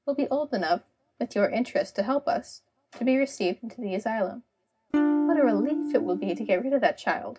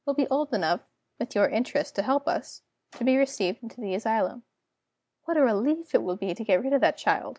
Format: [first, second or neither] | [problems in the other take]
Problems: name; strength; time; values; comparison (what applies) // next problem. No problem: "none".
second | background sound (Electric guitar / Strum); 1 dB above the speech // room echo; dies away in 0.4 s